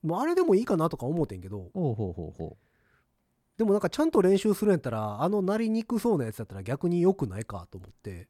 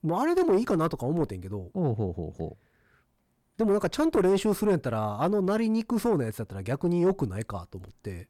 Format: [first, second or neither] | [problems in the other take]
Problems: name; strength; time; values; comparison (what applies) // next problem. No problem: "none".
first | distortion; slight; 10 dB below the speech